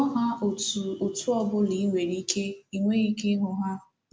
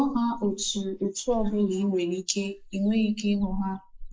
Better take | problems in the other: first | noise reduction (neural mask model Resemble Enhance denoiser)

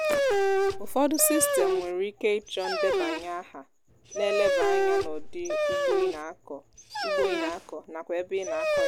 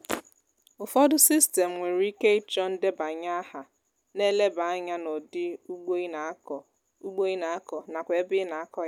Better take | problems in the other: second | background sound (Dog); 3 dB above the speech

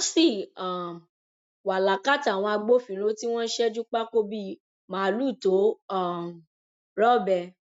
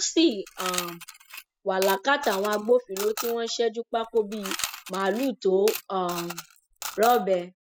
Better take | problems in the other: first | noise reduction (classical method spectral subtraction)

